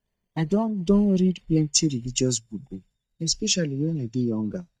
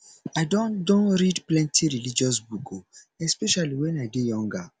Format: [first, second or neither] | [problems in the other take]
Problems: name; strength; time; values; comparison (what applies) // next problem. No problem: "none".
second | noise reduction (neural mask model DeepFilterNet 3)